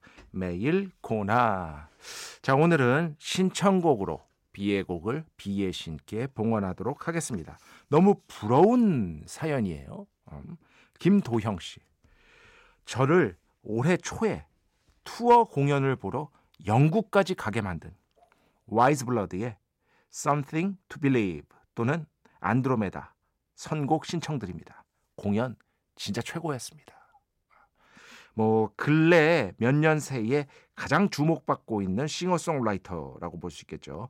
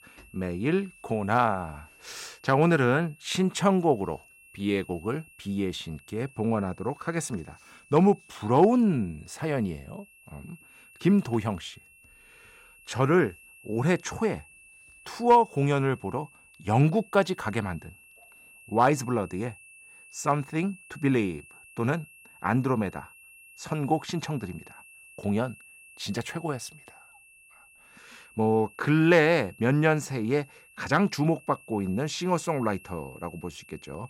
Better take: first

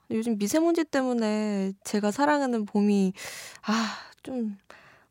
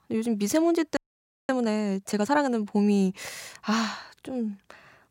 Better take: first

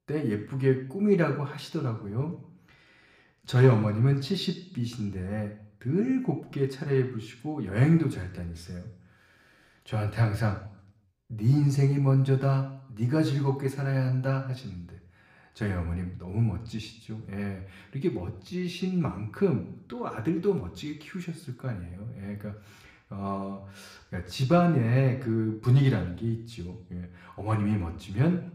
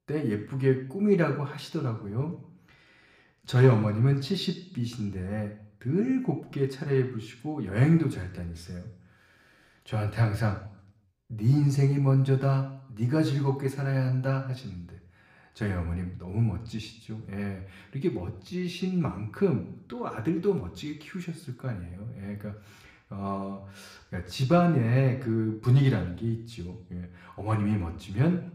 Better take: neither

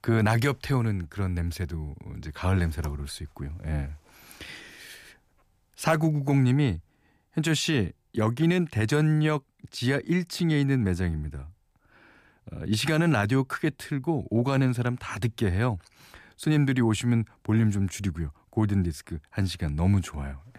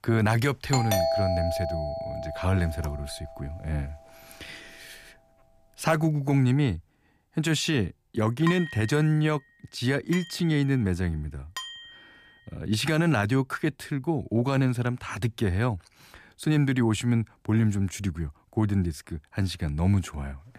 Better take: first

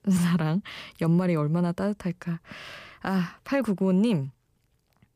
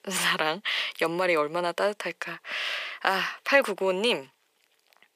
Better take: first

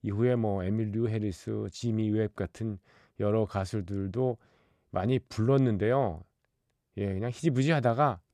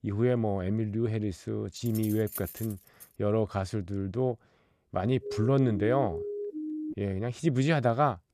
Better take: first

